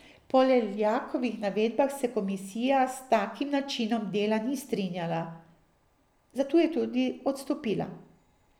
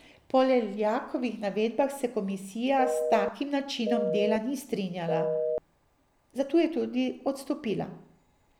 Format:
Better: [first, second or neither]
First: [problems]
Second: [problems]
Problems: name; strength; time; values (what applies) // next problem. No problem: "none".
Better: first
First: none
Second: background sound (Telephone); 2 dB below the speech